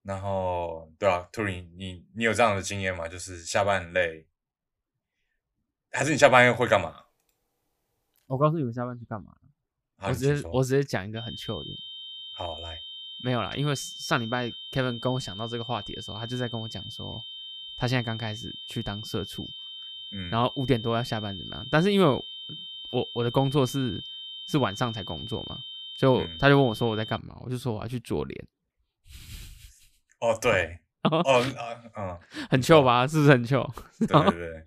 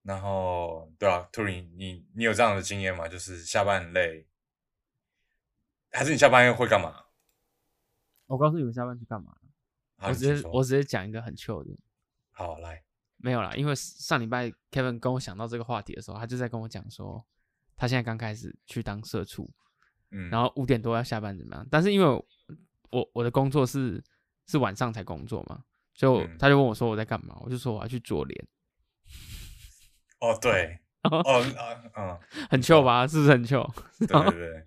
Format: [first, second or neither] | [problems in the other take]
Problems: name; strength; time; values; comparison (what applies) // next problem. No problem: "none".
second | high-pitched whine; noticeable; from 11 to 27 s; 3 kHz, 10 dB below the speech